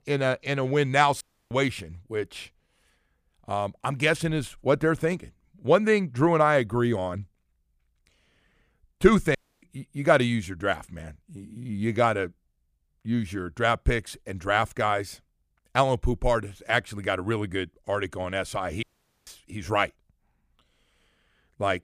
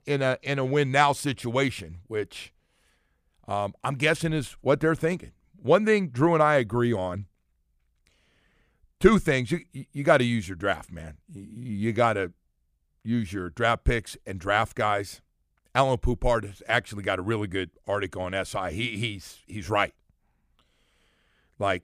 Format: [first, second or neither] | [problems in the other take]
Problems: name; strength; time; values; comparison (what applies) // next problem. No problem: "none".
second | audio cutting out; at 1 s, at 9.5 s and at 19 s